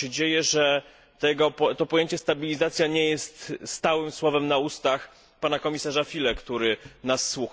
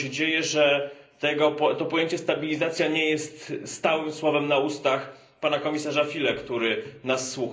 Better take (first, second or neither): first